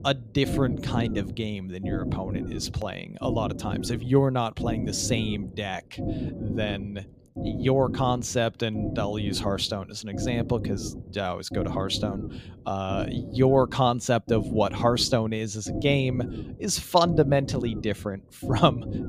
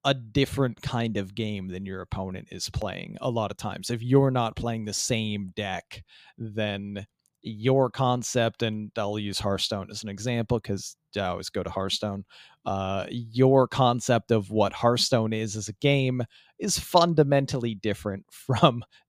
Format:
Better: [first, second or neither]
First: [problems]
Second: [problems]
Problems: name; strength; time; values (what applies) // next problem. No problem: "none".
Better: second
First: low rumble; noticeable; throughout; 10 dB below the speech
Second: none